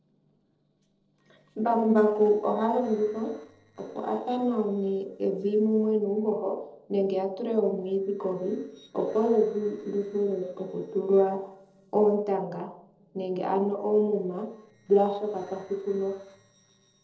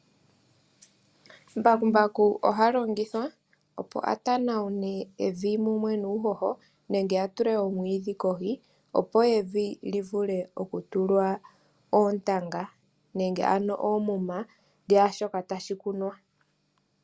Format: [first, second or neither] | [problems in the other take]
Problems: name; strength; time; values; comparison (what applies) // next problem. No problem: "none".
second | noise reduction (neural separator model SepFormer DNS4)